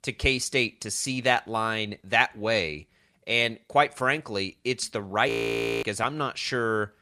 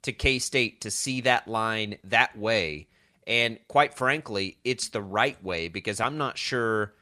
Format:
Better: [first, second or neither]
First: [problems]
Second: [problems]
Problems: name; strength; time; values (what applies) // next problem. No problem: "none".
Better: second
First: audio freezing; at 5.5 s for 0.5 s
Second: none